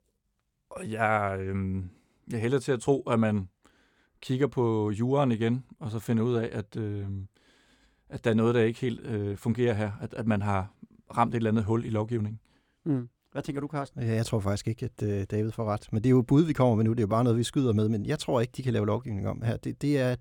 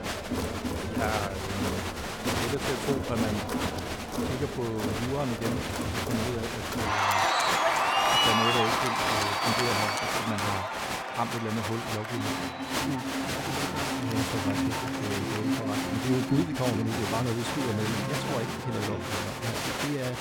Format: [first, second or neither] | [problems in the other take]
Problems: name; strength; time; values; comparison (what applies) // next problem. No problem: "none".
first | crowd noise; very loud; throughout; 5 dB above the speech